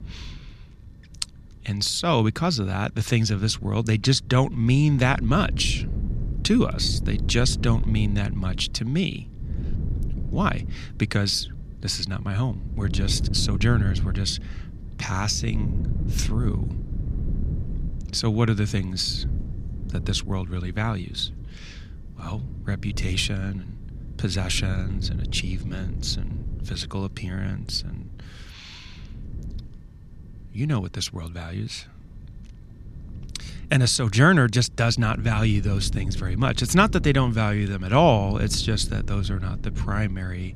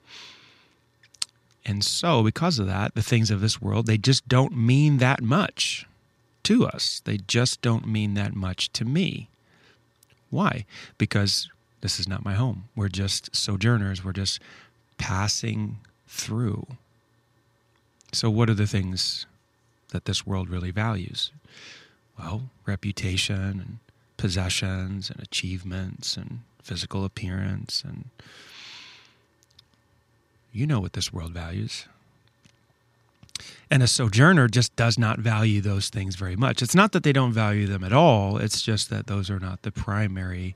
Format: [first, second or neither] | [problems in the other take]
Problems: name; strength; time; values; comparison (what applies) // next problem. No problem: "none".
second | wind noise on the microphone; occasional gusts; 20 dB below the speech